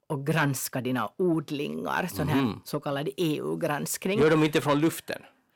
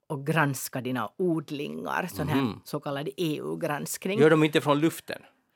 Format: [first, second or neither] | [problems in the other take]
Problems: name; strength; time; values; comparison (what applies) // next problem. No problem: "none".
second | distortion; slight; 10 dB below the speech